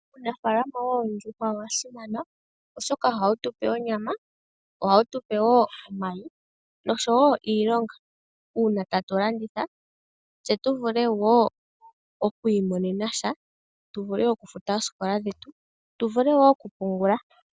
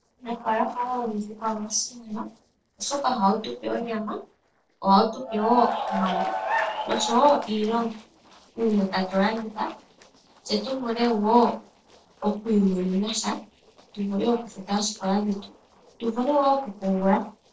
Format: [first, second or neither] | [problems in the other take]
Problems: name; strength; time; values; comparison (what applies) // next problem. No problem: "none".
first | noise reduction (neural separator model SepFormer DNS4)